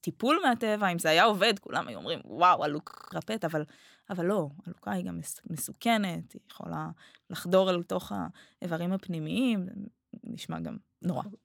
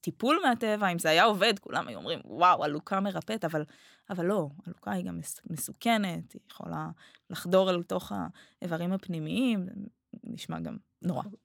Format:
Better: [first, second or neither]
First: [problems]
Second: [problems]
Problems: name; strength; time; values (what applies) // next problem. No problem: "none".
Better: second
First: audio freezing; at 3 s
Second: none